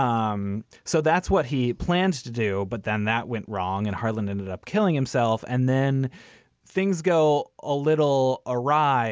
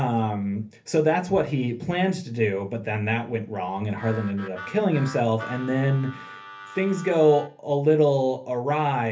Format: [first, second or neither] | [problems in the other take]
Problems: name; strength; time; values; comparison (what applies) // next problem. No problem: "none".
first | background sound (Harmonica); 17 dB below the speech // room echo; dies away in 0.3 s